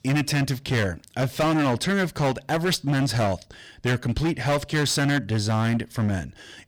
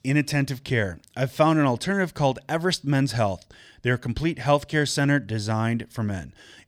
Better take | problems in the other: second | distortion; heavy; 20% of the sound clipped

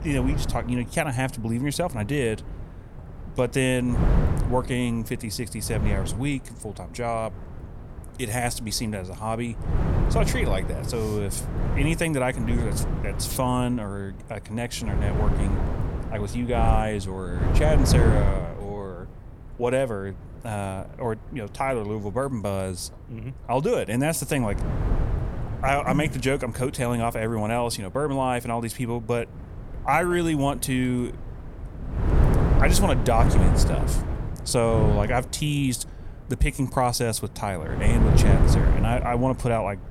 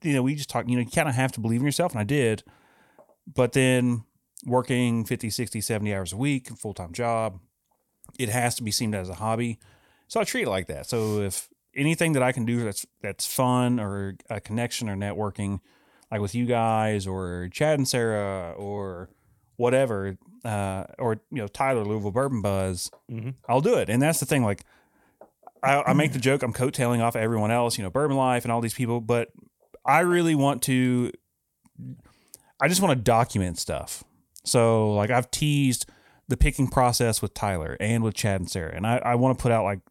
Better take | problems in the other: second | wind noise on the microphone; heavy; 7 dB below the speech

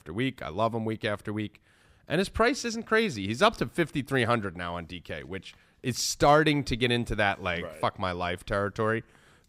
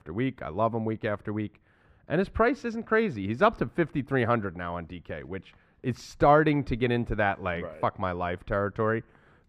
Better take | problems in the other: first | muffled; very; fading above 3 kHz

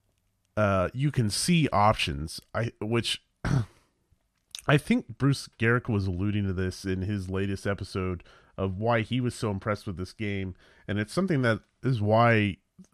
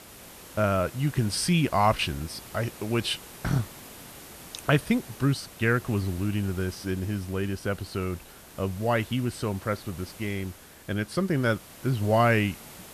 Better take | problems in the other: first | hiss; noticeable; throughout; 15 dB below the speech

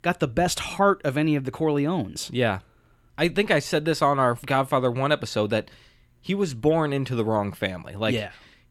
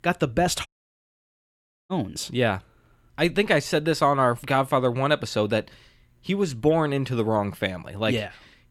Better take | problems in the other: first | audio cutting out; at 0.5 s for 1 s

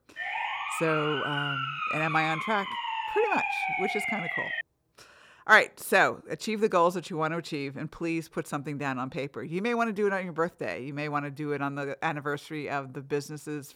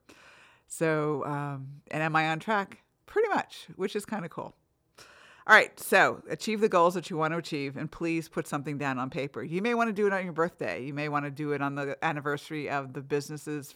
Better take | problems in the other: second | siren; loud; until 4.5 s; peak 1 dB above the speech

